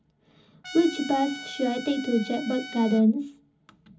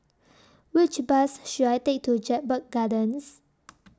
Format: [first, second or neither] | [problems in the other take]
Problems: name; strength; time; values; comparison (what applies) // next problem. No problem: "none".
second | background sound (Trumpet); 14 dB below the speech // room echo; dies away in 0.4 s